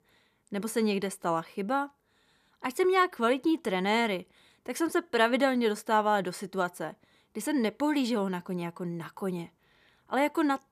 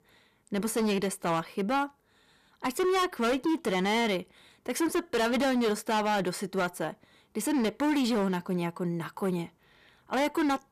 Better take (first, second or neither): first